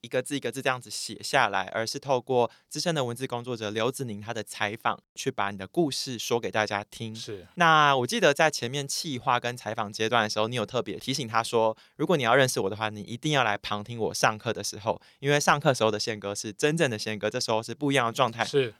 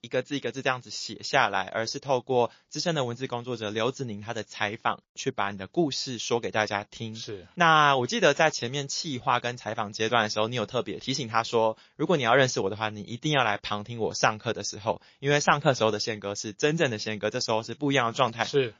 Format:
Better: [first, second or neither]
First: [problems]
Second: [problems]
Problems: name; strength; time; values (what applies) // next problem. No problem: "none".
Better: first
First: none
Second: garbled, watery; slightly; nothing above 6.5 kHz